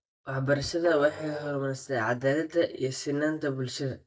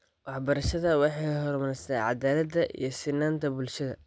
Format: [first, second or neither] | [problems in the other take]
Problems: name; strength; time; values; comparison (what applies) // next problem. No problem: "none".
second | noise reduction (neural mask model DeepFilterNet 3)